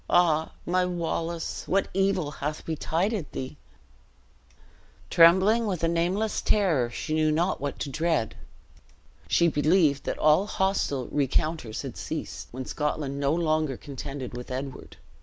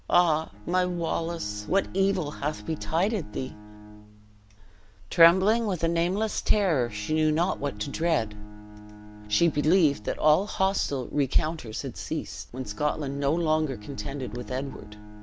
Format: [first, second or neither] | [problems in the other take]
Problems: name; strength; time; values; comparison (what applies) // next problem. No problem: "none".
first | background sound (Bowed string instrument); 19 dB below the speech